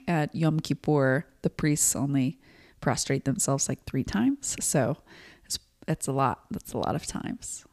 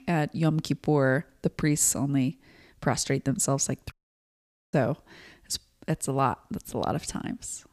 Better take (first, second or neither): first